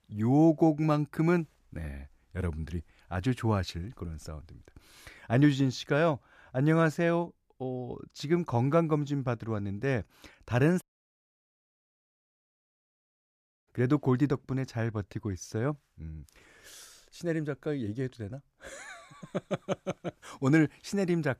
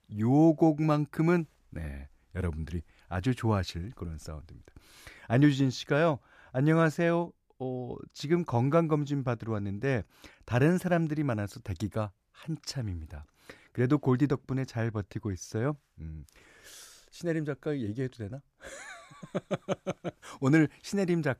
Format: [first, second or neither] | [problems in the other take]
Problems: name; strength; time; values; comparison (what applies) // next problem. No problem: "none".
second | audio cutting out; at 11 s for 3 s